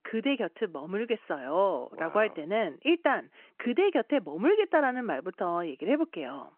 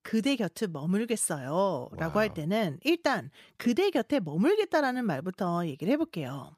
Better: second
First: phone-call audio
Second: none

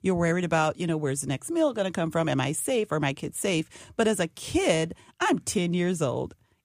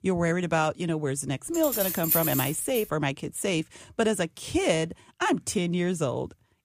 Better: first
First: none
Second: jangling keys; loud; from 1.5 to 3 s; peak 4 dB above the speech

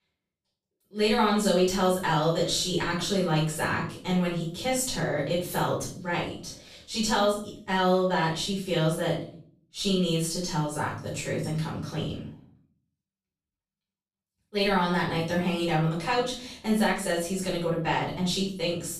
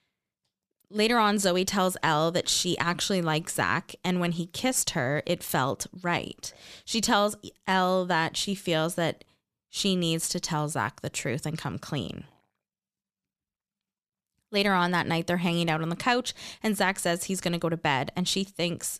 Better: second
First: room echo; noticeable; dies away in 0.4 s // off-mic speech; far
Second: none

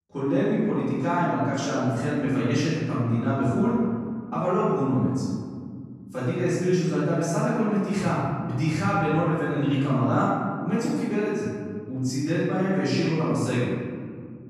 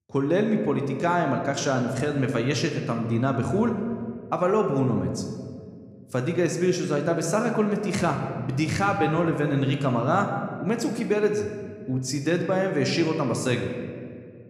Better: second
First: room echo; strong; dies away in 2.2 s // off-mic speech; far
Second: room echo; slight; dies away in 1.6 s

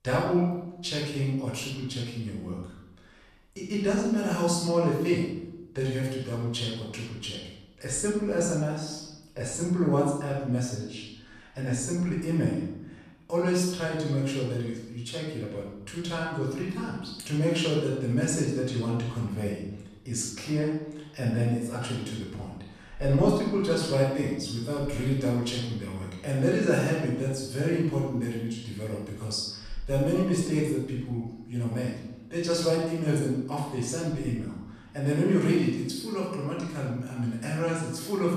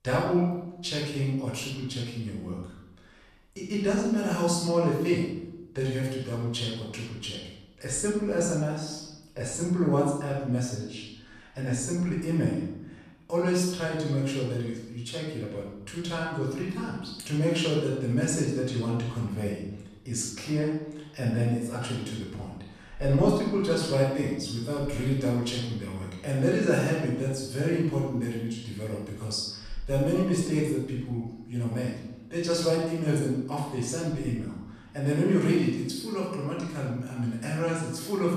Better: neither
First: off-mic speech; far // room echo; noticeable; dies away in 0.8 s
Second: off-mic speech; far // room echo; noticeable; dies away in 0.8 s

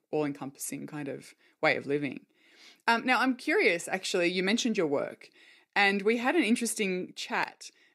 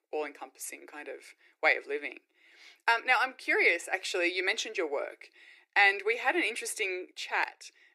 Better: first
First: none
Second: thin; very; fading below 350 Hz

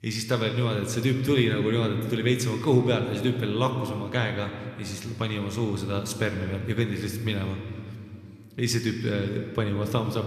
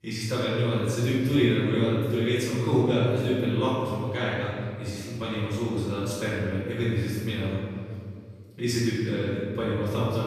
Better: first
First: room echo; slight; dies away in 2 s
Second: room echo; strong; dies away in 2 s // off-mic speech; far

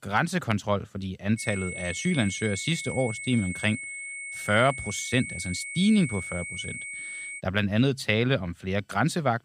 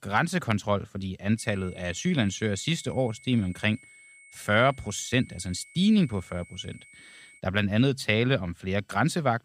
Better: second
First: high-pitched whine; loud; from 1.5 to 7.5 s; 2 kHz, 8 dB below the speech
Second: high-pitched whine; faint; from 1.5 to 7.5 s; 2 kHz, 25 dB below the speech

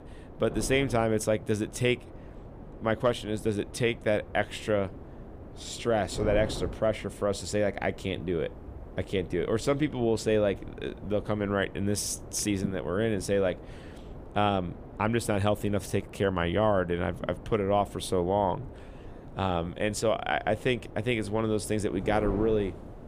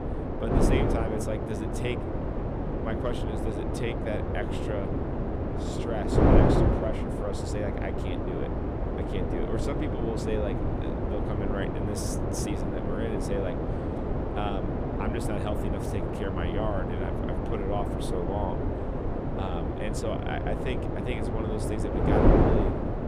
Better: first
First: wind noise on the microphone; occasional gusts; 20 dB below the speech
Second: wind noise on the microphone; heavy; 3 dB above the speech

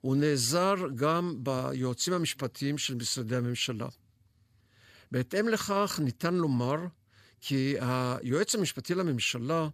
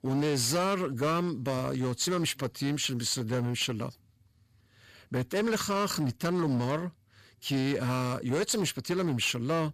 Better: first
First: none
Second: distortion; slight; 11% of the sound clipped

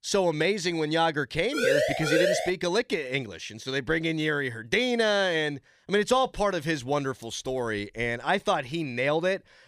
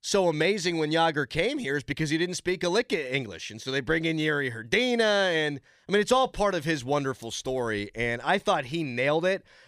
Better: second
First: siren; loud; at 1.5 s; peak 3 dB above the speech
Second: none

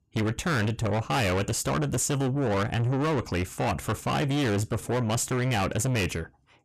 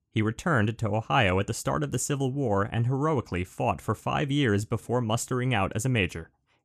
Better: second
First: distortion; heavy; 6 dB below the speech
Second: none

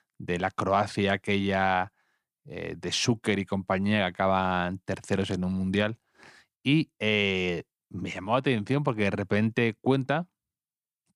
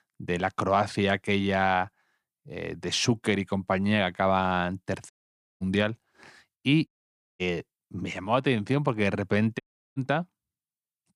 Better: first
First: none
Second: audio cutting out; at 5 s for 0.5 s, at 7 s for 0.5 s and at 9.5 s

